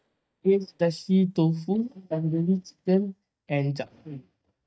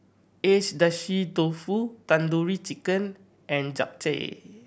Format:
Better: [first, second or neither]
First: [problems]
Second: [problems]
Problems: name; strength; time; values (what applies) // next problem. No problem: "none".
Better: second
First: noise reduction (neural mask model DeepFilterNet 3)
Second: none